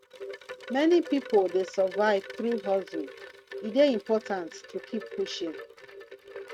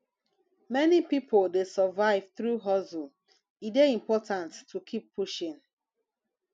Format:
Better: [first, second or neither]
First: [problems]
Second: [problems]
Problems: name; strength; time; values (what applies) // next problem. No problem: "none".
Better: second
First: noise reduction (neural mask model RNNoise)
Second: none